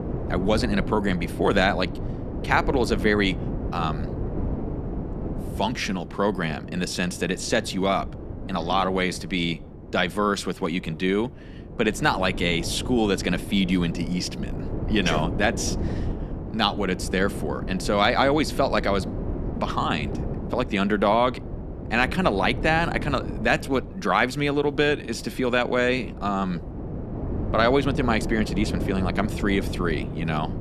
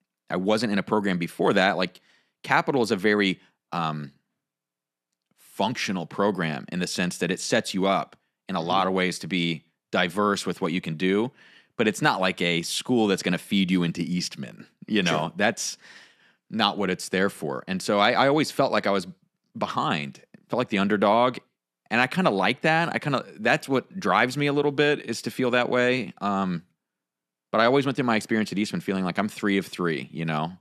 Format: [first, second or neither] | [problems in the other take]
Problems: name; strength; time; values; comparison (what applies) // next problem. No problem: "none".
second | wind noise on the microphone; occasional gusts; 15 dB below the speech